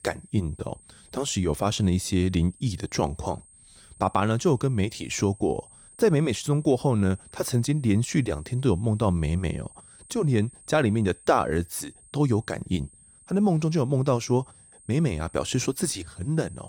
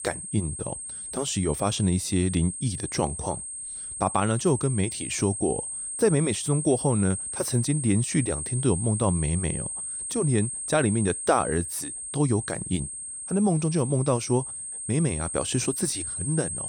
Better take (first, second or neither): first